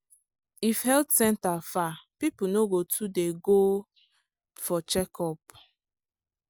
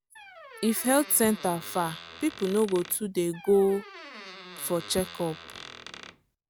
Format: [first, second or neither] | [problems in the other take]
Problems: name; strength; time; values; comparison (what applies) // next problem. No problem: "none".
first | background sound (Squeak); 16 dB below the speech